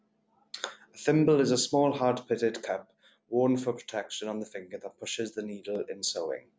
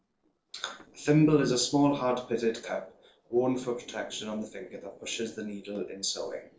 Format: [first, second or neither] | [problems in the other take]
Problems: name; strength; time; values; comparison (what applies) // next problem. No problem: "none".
first | noise reduction (neural separator model SepFormer DNS4)